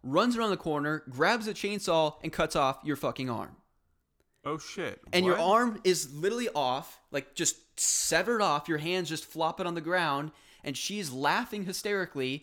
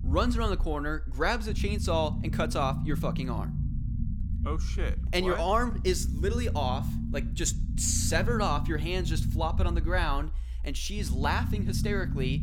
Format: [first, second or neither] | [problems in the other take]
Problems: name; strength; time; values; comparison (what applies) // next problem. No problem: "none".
first | low rumble; noticeable; throughout; 15 dB below the speech